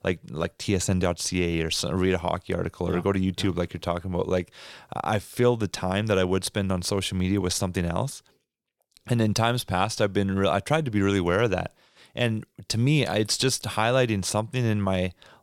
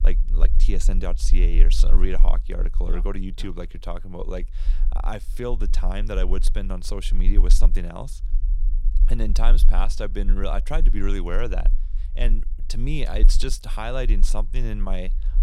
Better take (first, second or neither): first